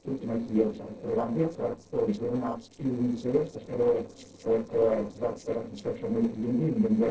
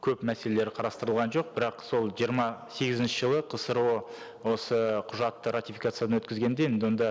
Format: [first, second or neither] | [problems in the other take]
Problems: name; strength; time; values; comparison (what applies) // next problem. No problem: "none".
second | noise reduction (neural separator model SepFormer DNS4)